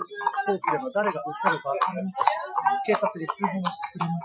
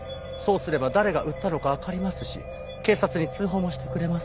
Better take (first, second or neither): second